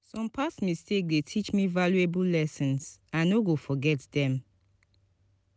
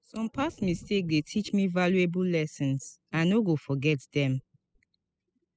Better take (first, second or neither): first